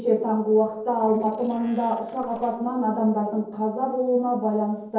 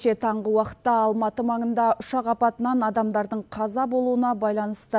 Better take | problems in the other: second | noise reduction (neural separator model SepFormer DNS4)

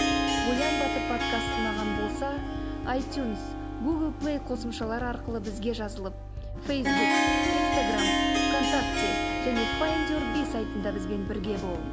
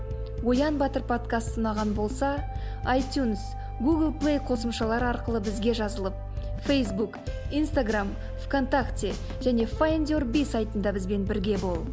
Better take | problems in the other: second | background sound (Harp); 2 dB above the speech

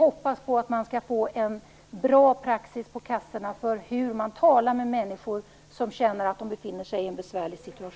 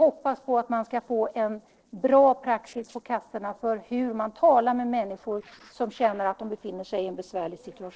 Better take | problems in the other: first | noise reduction (neural separator model SepFormer DNS4)

